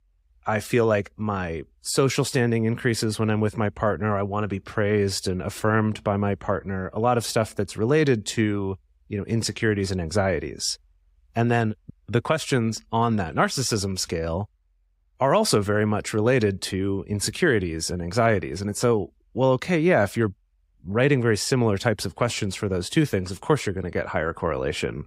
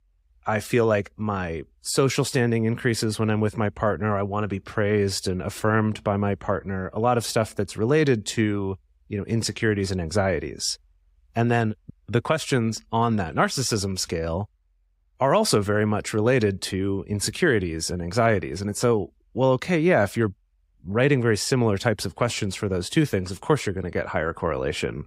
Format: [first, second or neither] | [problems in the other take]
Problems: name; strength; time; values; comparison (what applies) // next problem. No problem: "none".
neither | none